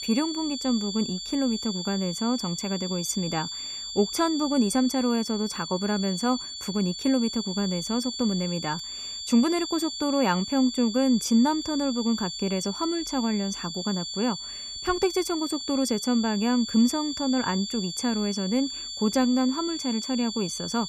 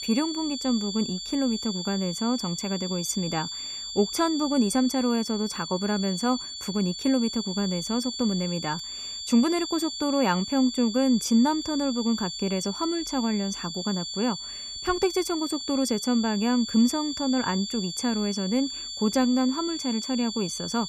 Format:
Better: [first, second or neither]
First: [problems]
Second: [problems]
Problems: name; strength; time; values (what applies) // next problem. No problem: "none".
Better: neither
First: high-pitched whine; loud; throughout; 4.5 kHz, 6 dB below the speech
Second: high-pitched whine; loud; throughout; 4.5 kHz, 6 dB below the speech